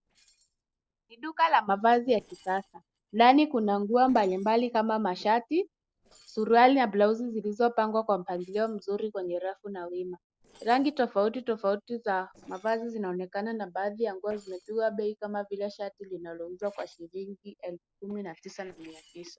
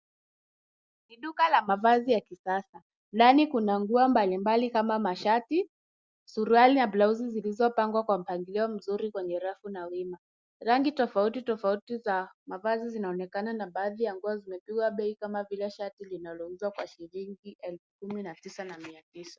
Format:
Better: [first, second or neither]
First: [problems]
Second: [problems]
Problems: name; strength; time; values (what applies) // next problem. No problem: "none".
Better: second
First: noise reduction (neural separator model SepFormer DNS4)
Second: none